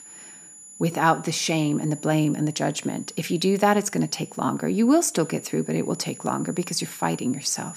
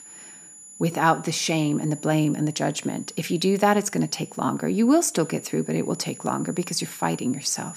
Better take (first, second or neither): neither